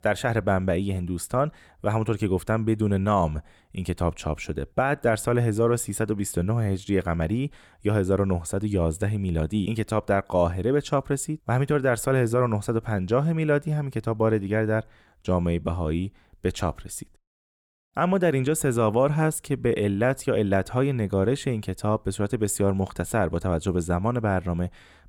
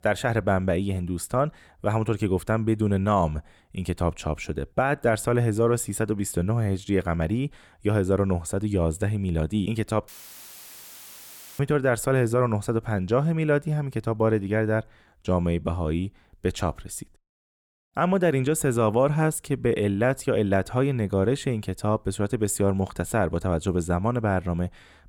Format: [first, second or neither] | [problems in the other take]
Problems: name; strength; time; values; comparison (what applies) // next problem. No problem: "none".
first | audio cutting out; filled with static; at 10 s for 1.5 s